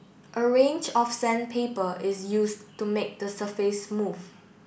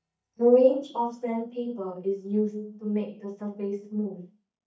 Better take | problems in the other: first | noise reduction (neural mask model DeepFilterNet 3)

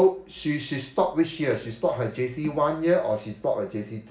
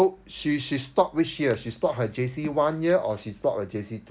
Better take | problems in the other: second | room echo; dies away in 0.4 s

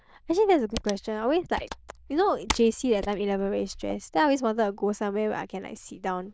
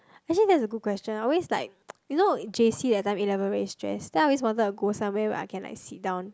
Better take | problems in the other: second | noise reduction (neural diffusion model UNIVERSE++)

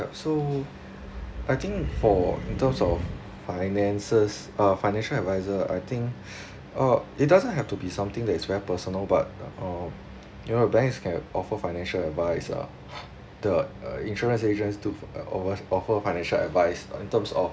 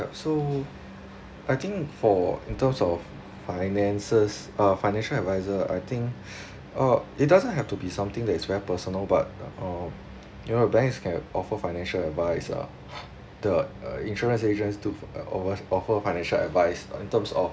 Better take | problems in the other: second | background sound (Animal); 7 dB below the speech

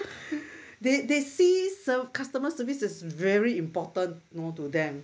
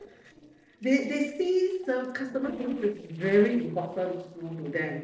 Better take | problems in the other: first | noise reduction (neural separator model SepFormer DNS4)

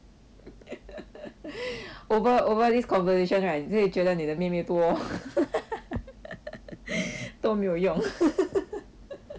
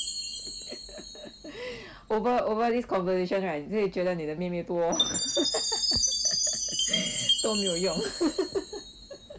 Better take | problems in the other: first | background sound (Chime); 2 dB below the speech

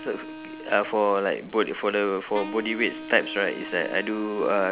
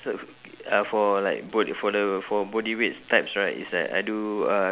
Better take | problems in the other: second | background sound (Wind instrument, woodwind instrument); 13 dB below the speech

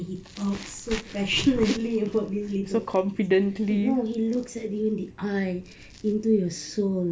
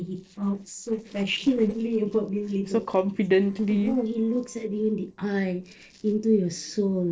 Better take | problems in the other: first | noise reduction (neural separator model SepFormer DNS4)

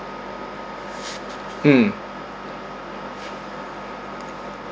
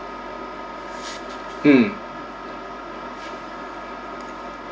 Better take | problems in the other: first | room echo; dies away in 0.4 s

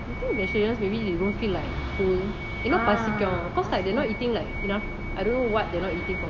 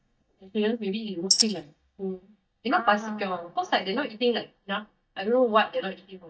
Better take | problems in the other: first | noise reduction (neural mask model DeepFilterNet 3)

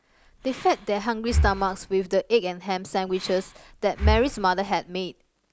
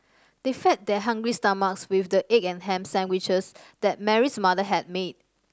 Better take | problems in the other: second | background sound (Breathing); 5 dB below the speech

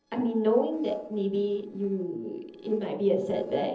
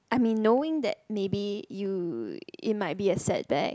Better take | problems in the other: second | noise reduction (neural separator model SepFormer DNS4)

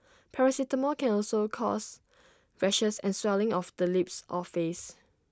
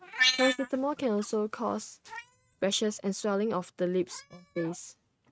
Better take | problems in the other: first | noise reduction (neural mask model RNNoise)

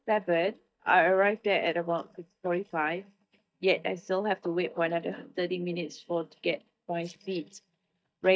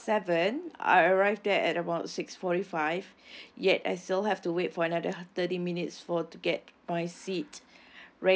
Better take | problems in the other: second | noise reduction (neural mask model DeepFilterNet 3)

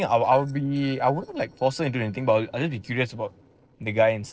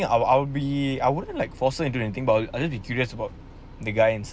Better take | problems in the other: second | noise reduction (neural separator model SepFormer DNS4)

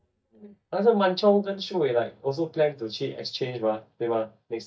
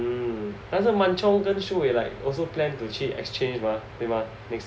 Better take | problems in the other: second | noise reduction (neural mask model DeepFilterNet 3)

